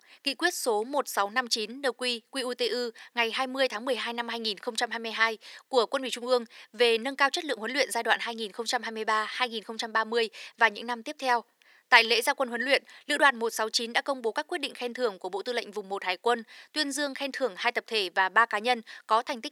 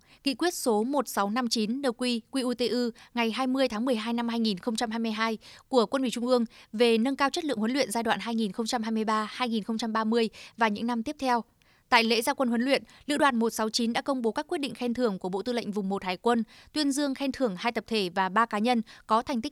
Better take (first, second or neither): second